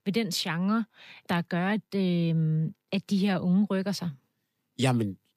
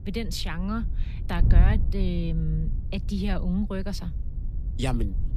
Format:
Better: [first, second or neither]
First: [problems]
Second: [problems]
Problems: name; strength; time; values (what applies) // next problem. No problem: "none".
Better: first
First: none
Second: wind noise on the microphone; occasional gusts; 10 dB below the speech